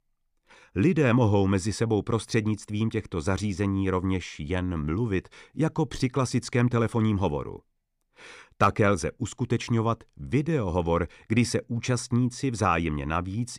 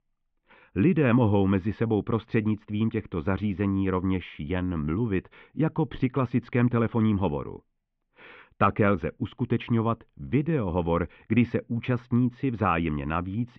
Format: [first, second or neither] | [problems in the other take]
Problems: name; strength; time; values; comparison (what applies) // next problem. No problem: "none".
first | muffled; very; fading above 3 kHz